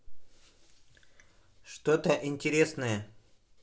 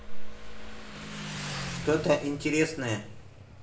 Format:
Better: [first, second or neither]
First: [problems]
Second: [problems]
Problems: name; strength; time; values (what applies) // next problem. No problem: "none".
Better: first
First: none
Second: background sound (Motorcycle); 10 dB below the speech // room echo; dies away in 0.5 s